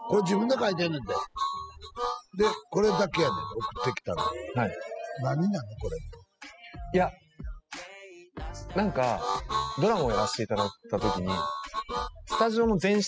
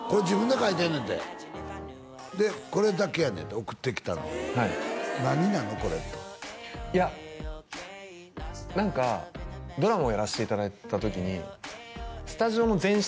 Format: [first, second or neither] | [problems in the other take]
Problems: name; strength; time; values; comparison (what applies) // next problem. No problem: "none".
second | noise reduction (classical method spectral subtraction)